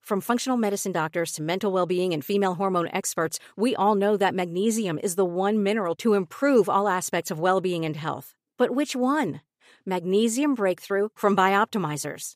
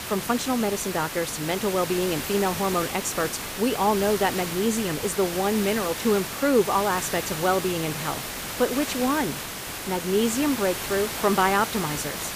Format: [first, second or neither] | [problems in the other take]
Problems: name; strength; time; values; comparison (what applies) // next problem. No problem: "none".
first | hiss; loud; throughout; 5 dB below the speech